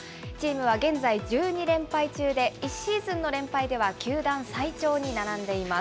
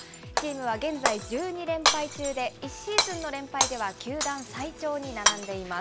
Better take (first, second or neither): first